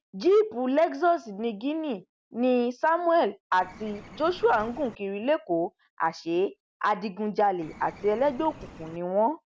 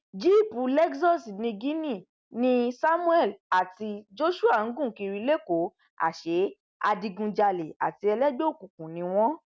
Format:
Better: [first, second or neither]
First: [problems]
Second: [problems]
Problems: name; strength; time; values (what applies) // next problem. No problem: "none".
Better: second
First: background sound (Bird); 19 dB below the speech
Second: none